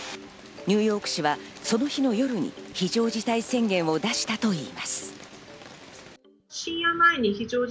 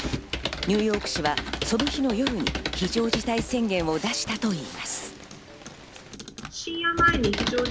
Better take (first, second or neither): first